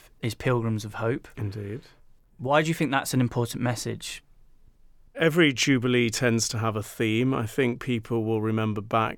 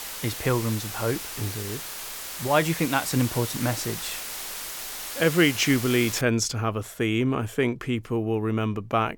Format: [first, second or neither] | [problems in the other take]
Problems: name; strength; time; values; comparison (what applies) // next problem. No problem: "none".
first | hiss; loud; until 6 s; 7 dB below the speech